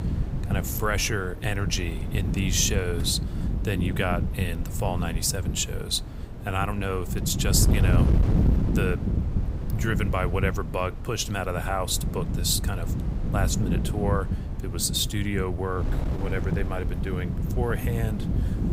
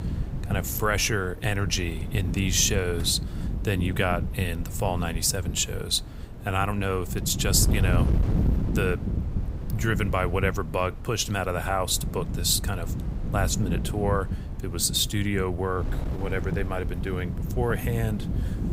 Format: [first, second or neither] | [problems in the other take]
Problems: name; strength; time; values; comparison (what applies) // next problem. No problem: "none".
second | wind noise on the microphone; heavy; 9 dB below the speech; occasional gusts in the second